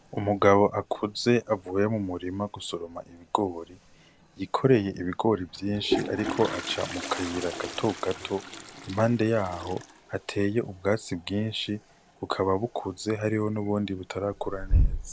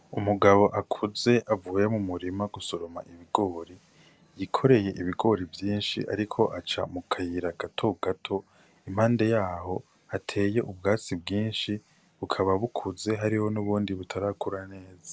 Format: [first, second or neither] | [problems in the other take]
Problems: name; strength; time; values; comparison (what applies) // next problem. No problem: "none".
second | background sound (Toilet flush); 7 dB below the speech